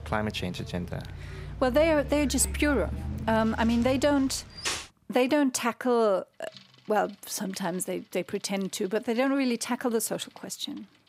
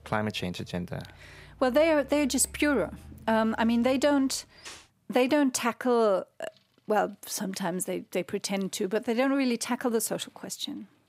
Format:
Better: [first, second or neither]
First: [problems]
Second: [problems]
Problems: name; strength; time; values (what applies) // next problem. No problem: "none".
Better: second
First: traffic noise; loud; throughout; 10 dB below the speech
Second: traffic noise; faint; throughout; 25 dB below the speech